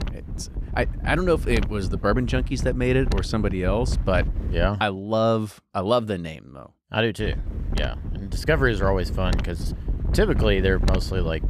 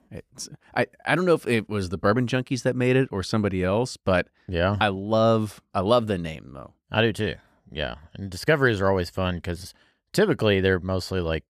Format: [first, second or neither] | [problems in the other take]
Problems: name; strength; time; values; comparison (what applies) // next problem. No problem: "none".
second | wind noise on the microphone; occasional gusts; until 4.5 s and from 7 s on; 15 dB below the speech